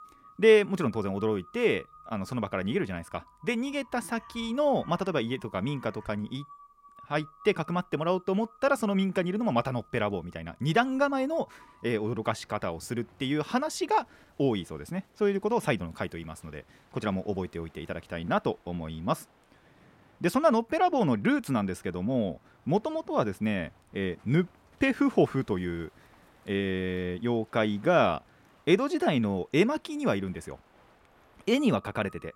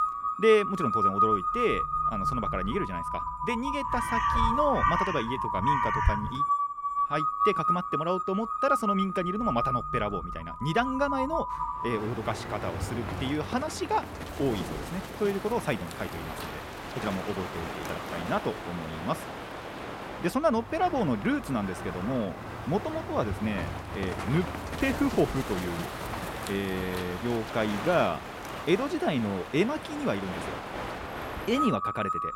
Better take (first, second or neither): first